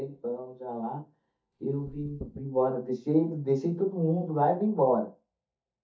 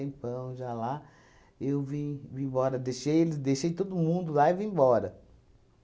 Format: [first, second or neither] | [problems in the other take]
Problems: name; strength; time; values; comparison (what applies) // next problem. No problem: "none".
second | noise reduction (neural mask model DeepFilterNet 3)